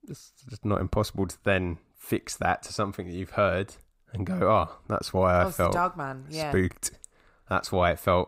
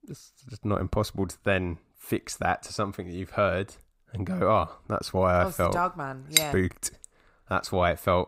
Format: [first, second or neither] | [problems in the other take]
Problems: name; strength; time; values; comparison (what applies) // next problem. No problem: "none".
first | clattering dishes; very faint; at 6.5 s; peak 4 dB above the speech